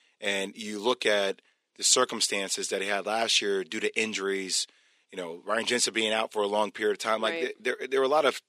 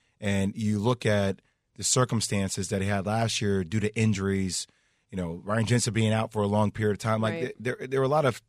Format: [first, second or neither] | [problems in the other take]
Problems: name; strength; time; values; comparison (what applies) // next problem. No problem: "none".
second | thin; somewhat; fading below 300 Hz